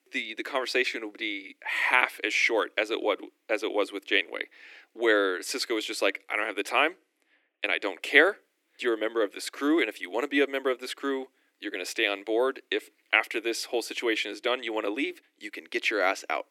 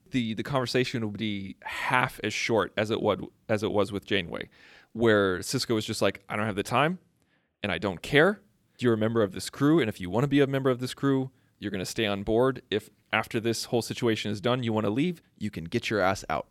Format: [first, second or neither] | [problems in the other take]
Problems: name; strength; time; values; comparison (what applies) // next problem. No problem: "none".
second | thin; somewhat; fading below 300 Hz